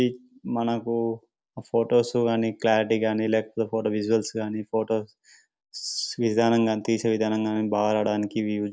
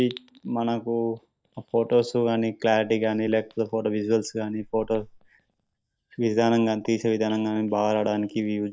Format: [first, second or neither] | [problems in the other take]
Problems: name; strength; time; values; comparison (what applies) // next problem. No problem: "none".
first | noise reduction (neural mask model DeepFilterNet 3)